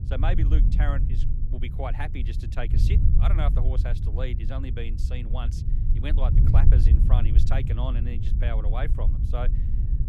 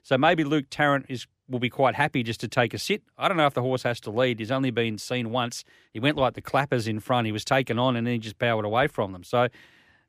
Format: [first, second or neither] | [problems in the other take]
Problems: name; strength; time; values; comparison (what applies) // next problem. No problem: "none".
second | wind noise on the microphone; heavy; 5 dB below the speech